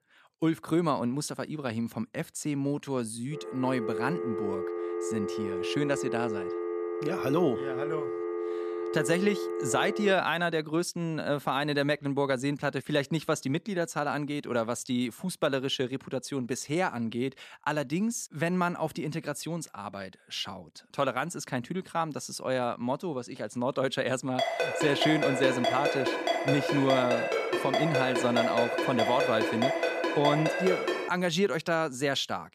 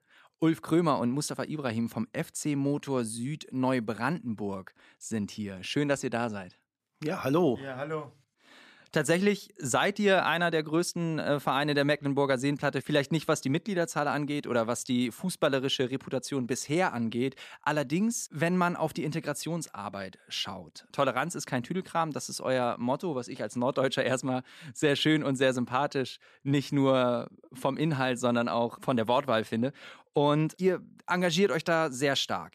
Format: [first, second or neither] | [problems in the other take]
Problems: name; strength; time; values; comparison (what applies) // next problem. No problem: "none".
second | phone ringing; noticeable; from 3.5 to 10 s; peak 3 dB below the speech // phone ringing; loud; from 24 to 31 s; peak 3 dB above the speech